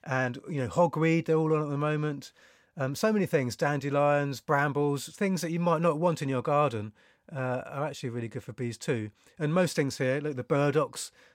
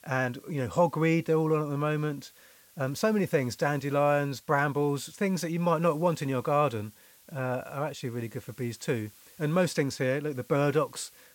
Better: first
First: none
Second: hiss; faint; throughout; 25 dB below the speech

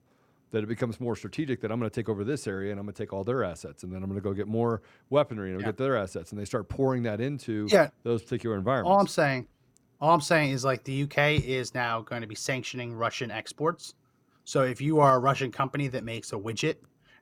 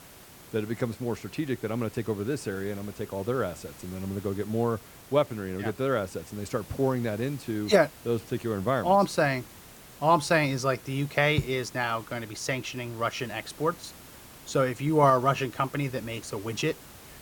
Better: first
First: none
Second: hiss; noticeable; throughout; 20 dB below the speech

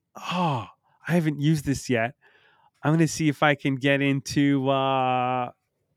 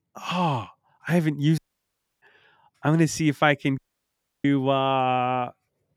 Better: first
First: none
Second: audio cutting out; at 1.5 s for 0.5 s and at 4 s for 0.5 s

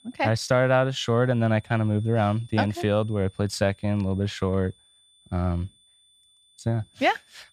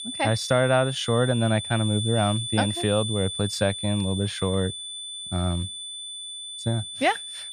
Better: first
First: high-pitched whine; faint; throughout; 3.5 kHz, 30 dB below the speech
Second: high-pitched whine; loud; throughout; 3.5 kHz, 7 dB below the speech

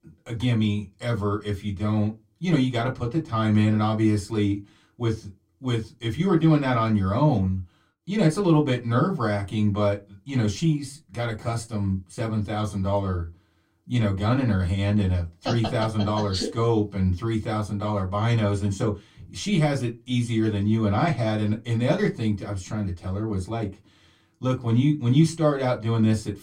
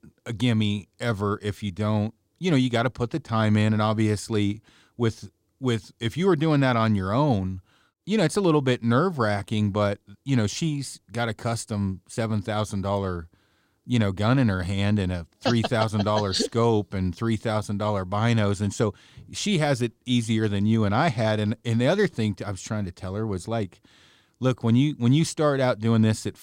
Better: second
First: off-mic speech; far // room echo; very slight; dies away in 0.2 s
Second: none

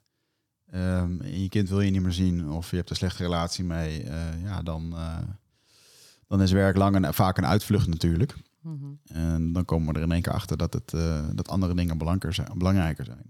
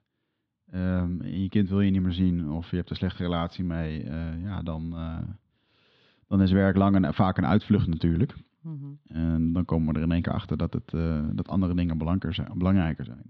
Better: first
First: none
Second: muffled; slightly; fading above 3.5 kHz

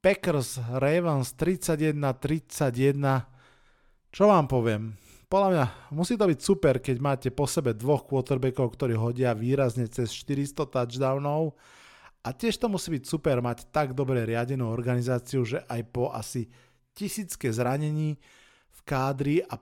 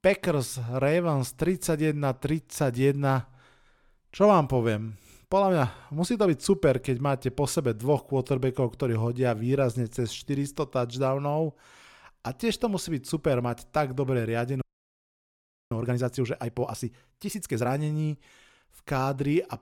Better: first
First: none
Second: audio freezing; at 15 s for 1 s

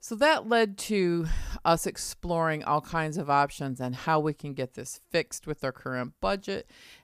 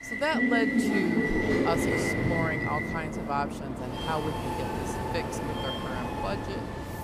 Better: first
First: none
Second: train or aircraft noise; very loud; throughout; 5 dB above the speech

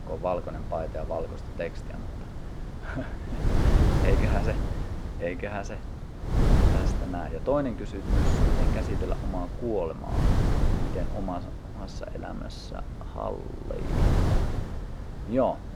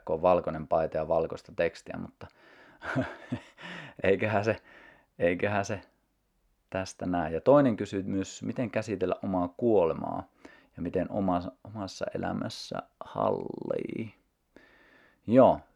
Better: second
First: wind noise on the microphone; heavy; 3 dB below the speech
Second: none

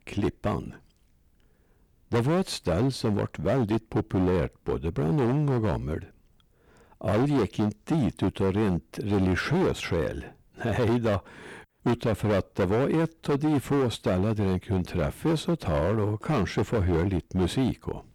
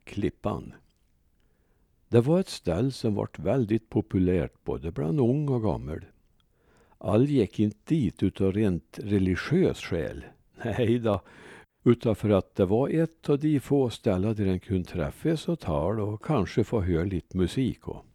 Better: second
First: distortion; heavy; 14% of the sound clipped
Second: none

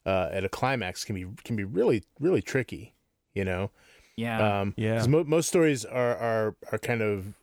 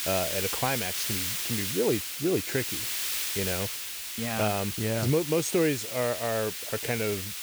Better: first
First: none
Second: hiss; loud; throughout; 1 dB below the speech

